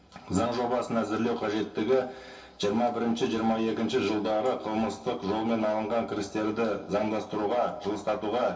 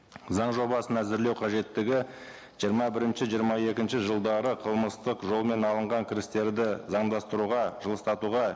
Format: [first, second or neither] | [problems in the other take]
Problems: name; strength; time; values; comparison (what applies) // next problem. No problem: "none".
second | room echo; dies away in 0.2 s